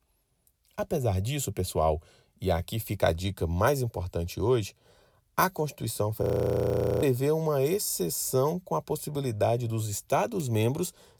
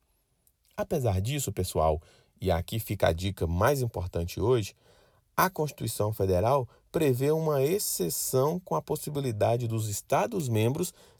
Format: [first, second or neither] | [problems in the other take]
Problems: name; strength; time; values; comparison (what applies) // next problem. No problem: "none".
second | audio freezing; at 6 s for 1 s